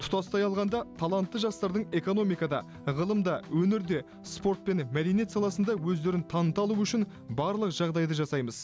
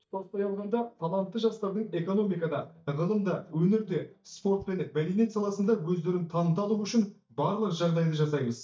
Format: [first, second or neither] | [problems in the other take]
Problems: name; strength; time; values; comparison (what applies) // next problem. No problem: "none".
first | noise reduction (neural mask model DeepFilterNet 3)